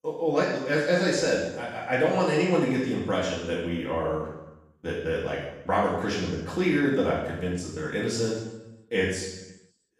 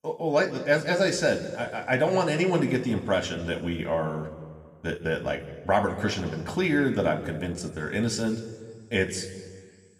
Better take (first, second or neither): second